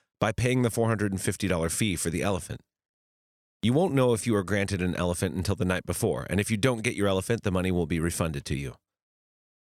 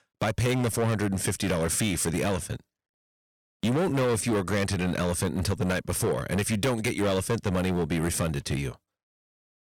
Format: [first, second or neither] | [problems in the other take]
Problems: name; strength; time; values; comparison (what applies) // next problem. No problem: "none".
first | distortion; heavy; 14% of the sound clipped